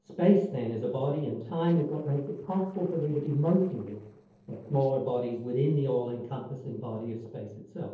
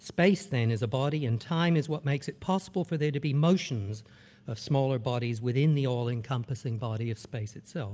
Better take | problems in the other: second | noise reduction (neural separator model SepFormer DNS4)

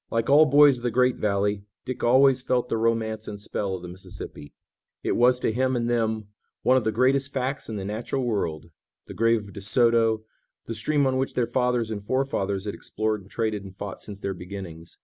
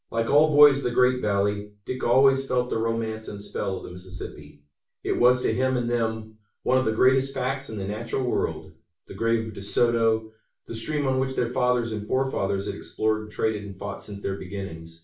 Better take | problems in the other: first | room echo; dies away in 0.3 s

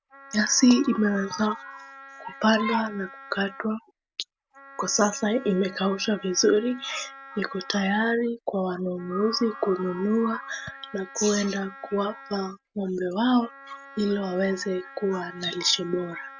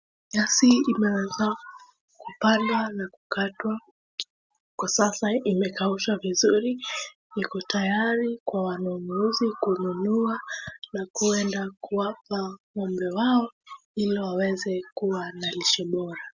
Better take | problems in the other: second | background sound (Wind instrument, woodwind instrument); 19 dB below the speech

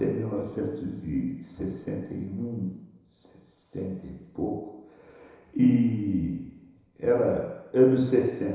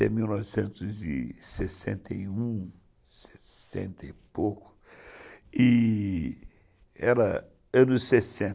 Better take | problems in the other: second | room echo; dies away in 1 s

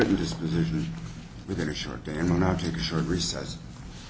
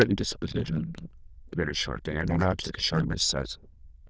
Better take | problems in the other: first | noise reduction (neural diffusion model UNIVERSE++)

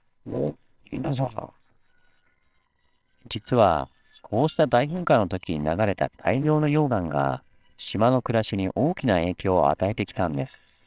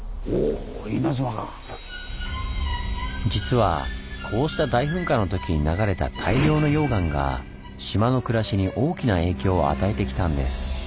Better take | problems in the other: second | noise reduction (neural separator model SepFormer WHAMR!)

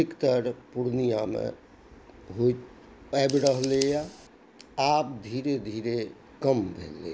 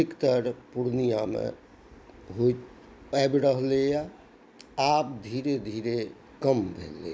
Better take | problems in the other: second | background sound (Scissors); 19 dB below the speech

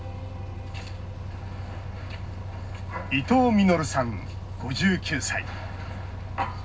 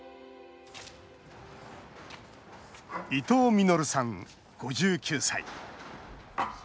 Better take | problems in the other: second | background sound (Bus); 7 dB below the speech // room echo; dies away in 0.4 s

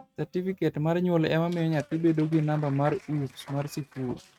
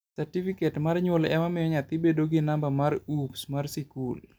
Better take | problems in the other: second | noise reduction (neural mask model RNNoise)

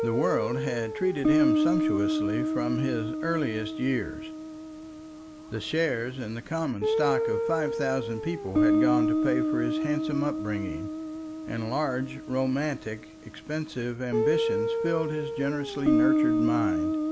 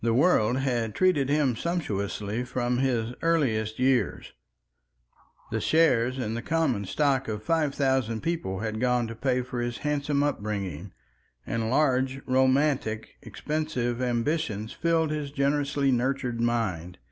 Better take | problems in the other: second | background sound (Guitar); 2 dB above the speech

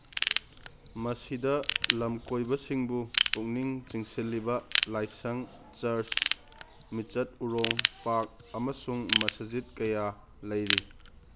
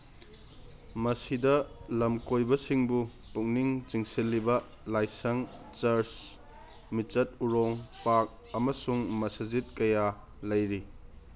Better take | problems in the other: second | background sound (Ratchet, pawl / Tools); 2 dB below the speech

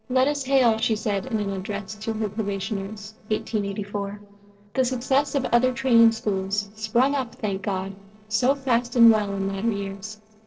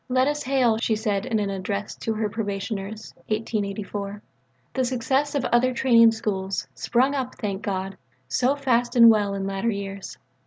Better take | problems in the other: second | noise reduction (neural separator model SepFormer DNS4)

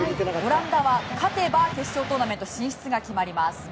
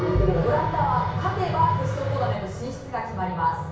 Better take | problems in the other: first | background sound (Bowed string instrument); 8 dB below the speech // room echo; dies away in 0.6 s

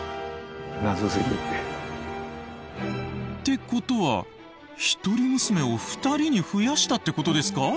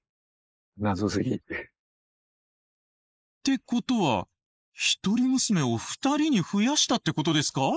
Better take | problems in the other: first | noise reduction (neural mask model Resemble Enhance denoiser)

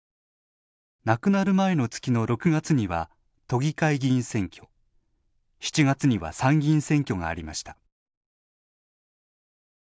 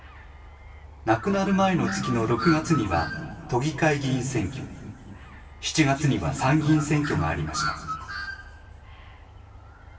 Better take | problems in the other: first | background sound (Bird); 11 dB below the speech // room echo; dies away in 2.3 s

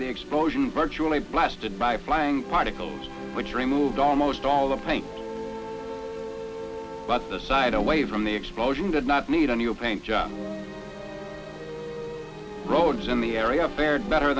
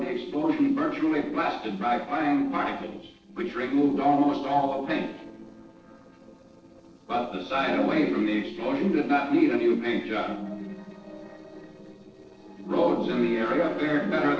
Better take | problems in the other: first | noise reduction (neural separator model SepFormer DNS4)

